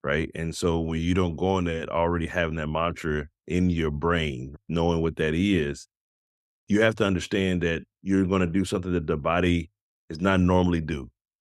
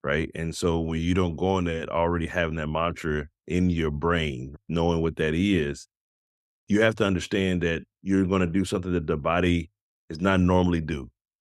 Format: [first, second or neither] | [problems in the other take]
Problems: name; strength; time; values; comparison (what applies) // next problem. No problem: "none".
neither | none